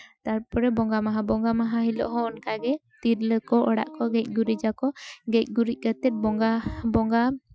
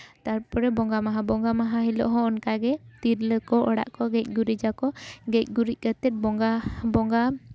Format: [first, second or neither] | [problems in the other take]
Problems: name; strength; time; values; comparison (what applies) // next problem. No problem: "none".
second | noise reduction (classical method Wiener filter)